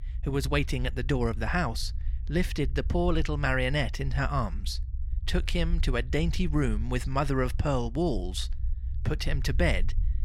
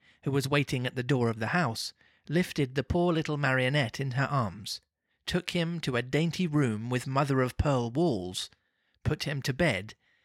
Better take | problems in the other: second | low rumble; faint; throughout; 25 dB below the speech

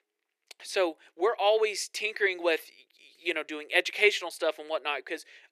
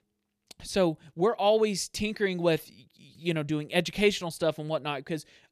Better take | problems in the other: second | thin; very; fading below 350 Hz

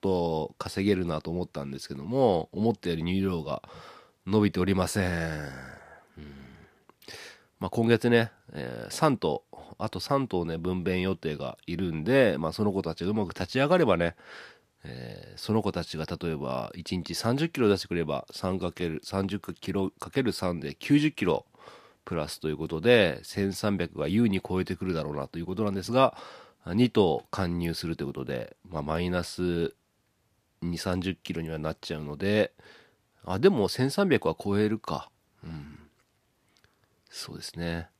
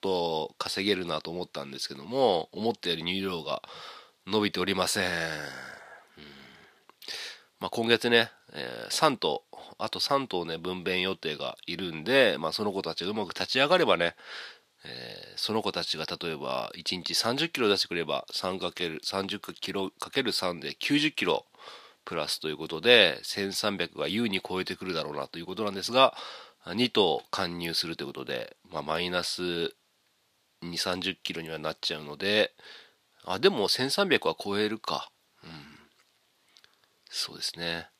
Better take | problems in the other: first | thin; very slightly; fading below 1 kHz

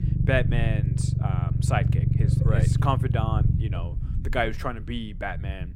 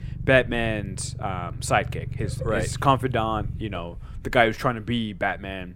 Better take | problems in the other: second | low rumble; loud; throughout; 6 dB below the speech; faint in the second

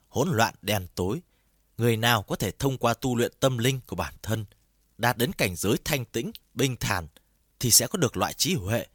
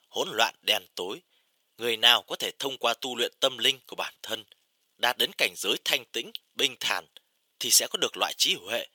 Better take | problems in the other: first | thin; very; fading below 500 Hz

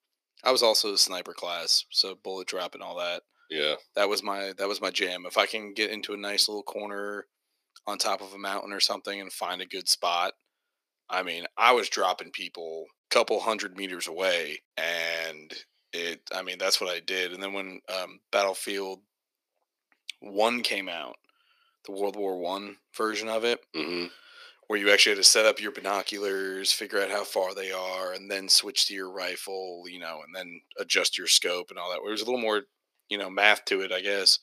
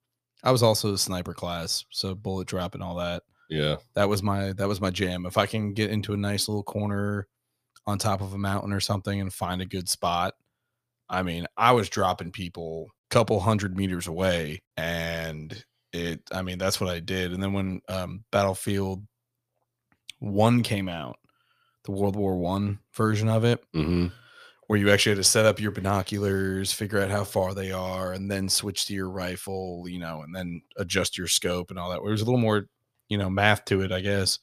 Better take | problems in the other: second | thin; very; fading below 300 Hz

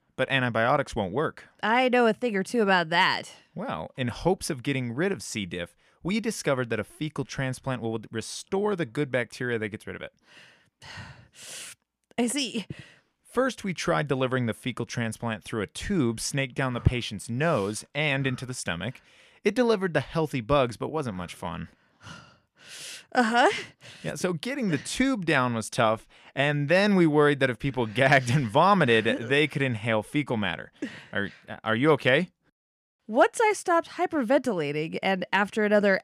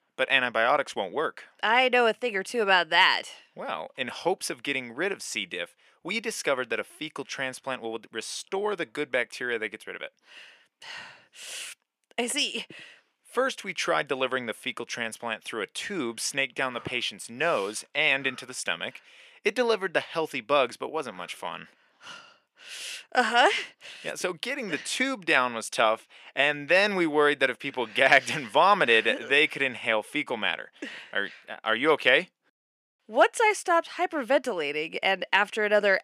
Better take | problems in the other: first | thin; somewhat; fading below 400 Hz

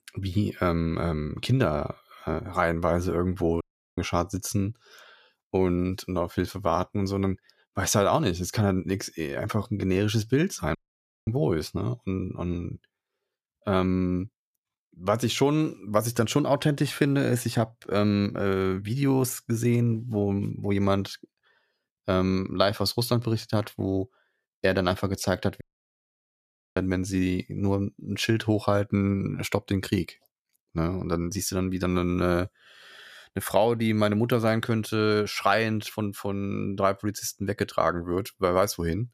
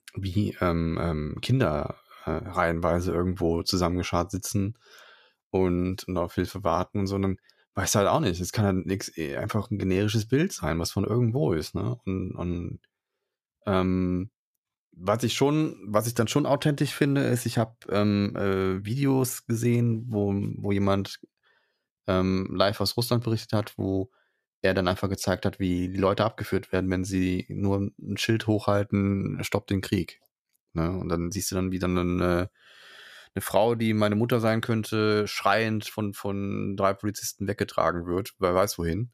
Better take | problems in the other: second | audio cutting out; at 3.5 s, at 11 s for 0.5 s and at 26 s for 1 s

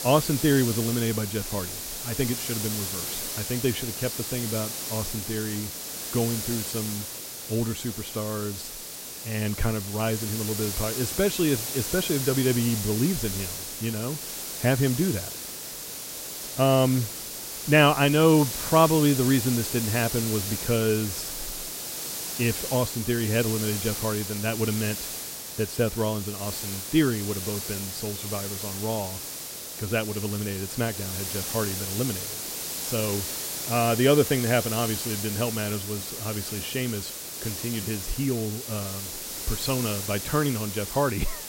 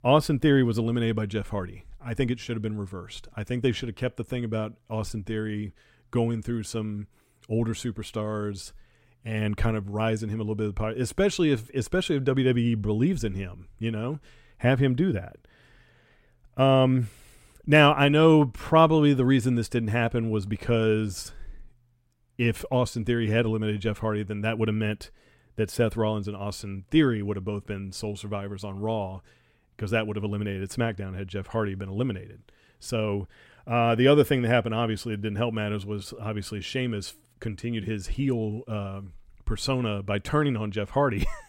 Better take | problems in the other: second | hiss; loud; throughout; 4 dB below the speech

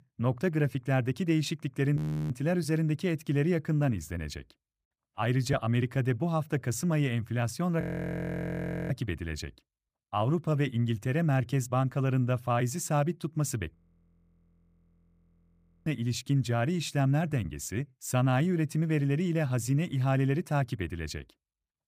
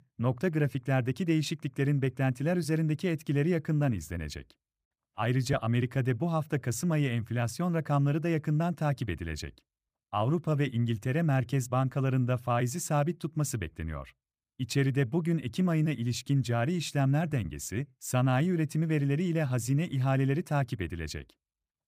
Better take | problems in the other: second | audio freezing; at 2 s, at 8 s for 1 s and at 14 s for 2 s

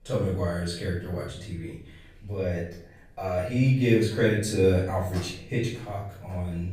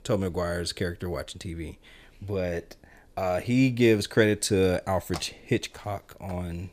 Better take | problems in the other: second | off-mic speech; far // room echo; noticeable; dies away in 0.6 s

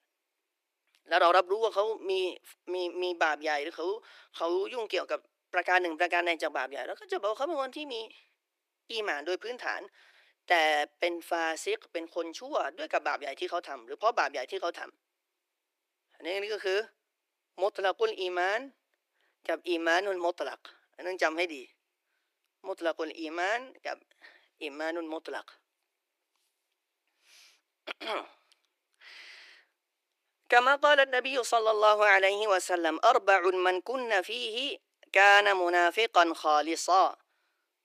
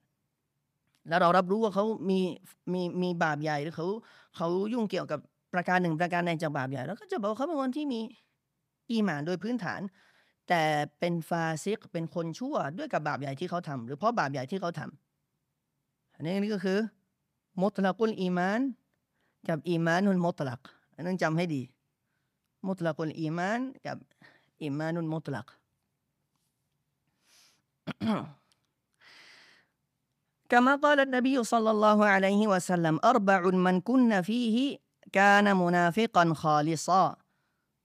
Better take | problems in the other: second | thin; very; fading below 350 Hz

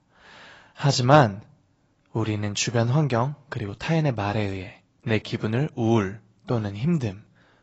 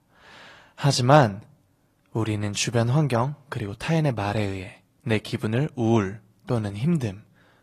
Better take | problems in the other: second | garbled, watery; badly; nothing above 7.5 kHz; slightly in the second

